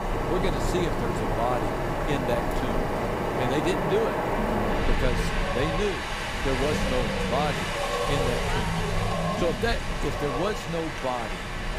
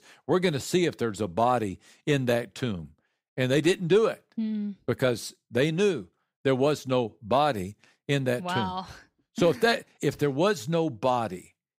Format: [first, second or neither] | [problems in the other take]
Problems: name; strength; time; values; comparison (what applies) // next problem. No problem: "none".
second | wind in the background; very loud; throughout; 3 dB above the speech